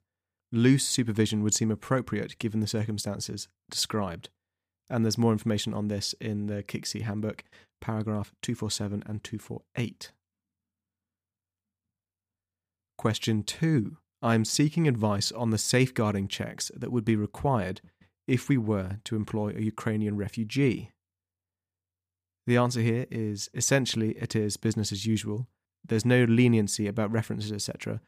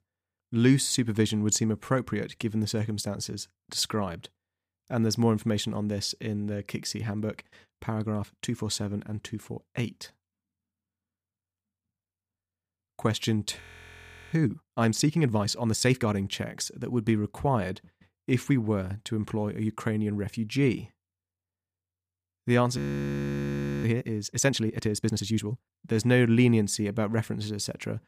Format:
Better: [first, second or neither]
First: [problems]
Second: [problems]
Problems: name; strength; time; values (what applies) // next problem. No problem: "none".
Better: first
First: none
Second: audio freezing; at 14 s for 0.5 s and at 23 s for 1 s